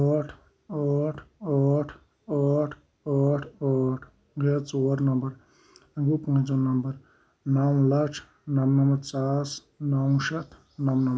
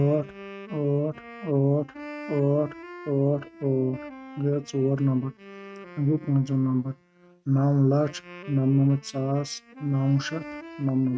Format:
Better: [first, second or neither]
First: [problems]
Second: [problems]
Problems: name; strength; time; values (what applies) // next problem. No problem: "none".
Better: first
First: none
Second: noise reduction (neural mask model RNNoise)